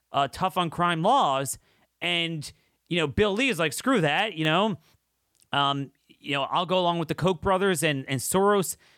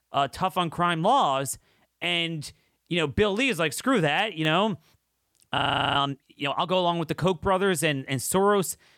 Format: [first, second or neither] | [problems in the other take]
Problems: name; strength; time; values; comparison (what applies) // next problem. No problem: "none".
first | audio freezing; at 5.5 s